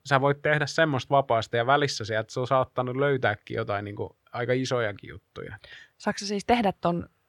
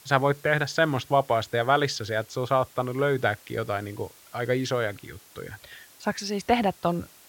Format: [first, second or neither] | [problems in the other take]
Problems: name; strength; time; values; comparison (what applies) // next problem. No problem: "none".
first | hiss; faint; throughout; 25 dB below the speech